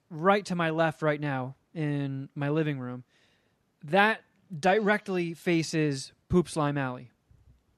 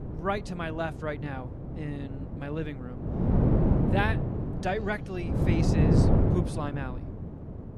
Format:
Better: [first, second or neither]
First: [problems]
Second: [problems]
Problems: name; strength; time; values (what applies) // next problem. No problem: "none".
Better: first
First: none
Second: wind noise on the microphone; heavy; as loud as the speech